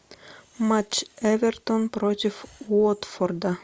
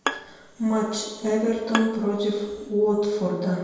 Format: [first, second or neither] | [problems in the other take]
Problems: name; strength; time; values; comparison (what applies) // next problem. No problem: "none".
first | background sound (Bowed string instrument); 11 dB below the speech // room echo; dies away in 1.1 s